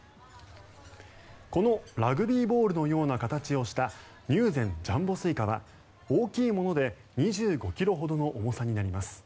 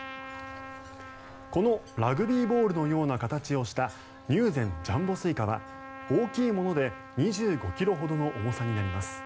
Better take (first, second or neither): first